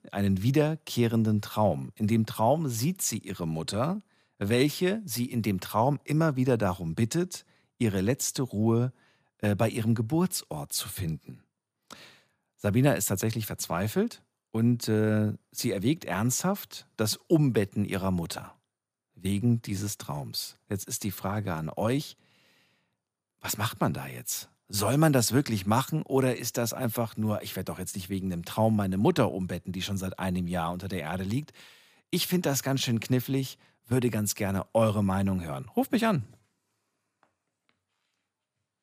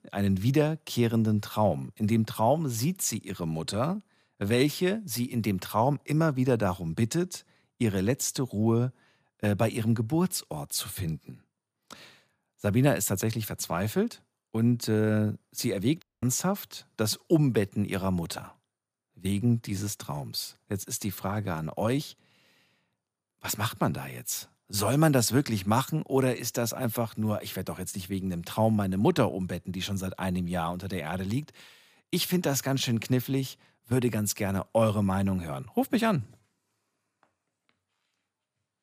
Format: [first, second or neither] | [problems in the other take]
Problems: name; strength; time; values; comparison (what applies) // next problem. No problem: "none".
first | audio cutting out; at 16 s